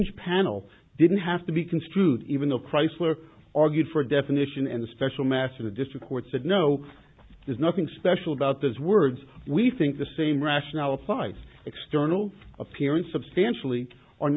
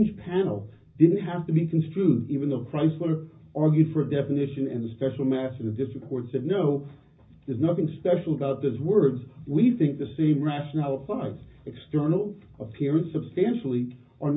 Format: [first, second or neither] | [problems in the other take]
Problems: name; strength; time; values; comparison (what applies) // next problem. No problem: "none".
first | room echo; dies away in 0.4 s